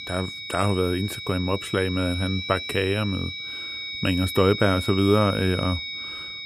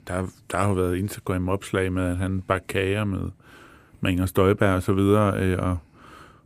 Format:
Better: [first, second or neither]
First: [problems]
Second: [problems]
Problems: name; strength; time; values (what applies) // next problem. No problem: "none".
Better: second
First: high-pitched whine; loud; throughout; 4 kHz, 7 dB below the speech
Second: none